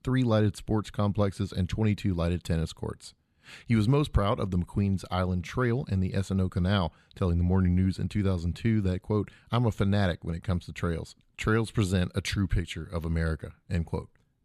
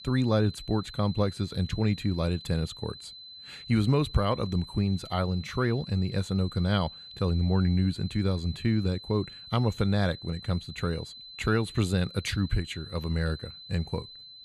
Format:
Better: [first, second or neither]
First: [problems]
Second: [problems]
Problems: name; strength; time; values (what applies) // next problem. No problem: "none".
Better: first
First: none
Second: high-pitched whine; noticeable; throughout; 4 kHz, 15 dB below the speech